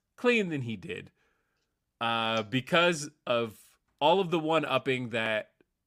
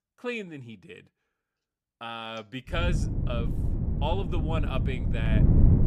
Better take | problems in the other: first | wind noise on the microphone; heavy; from 2.5 s on; 4 dB below the speech

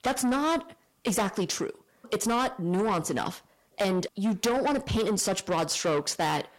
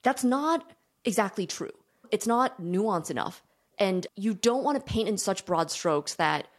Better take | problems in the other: second | distortion; heavy; 6 dB below the speech

